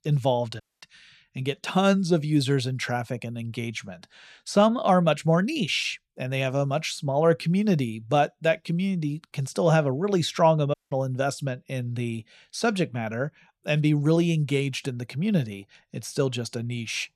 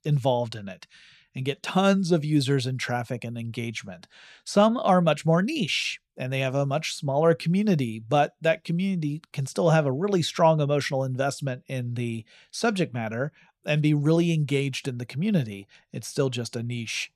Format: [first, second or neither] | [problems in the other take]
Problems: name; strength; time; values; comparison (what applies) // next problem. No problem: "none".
second | audio cutting out; at 0.5 s and at 11 s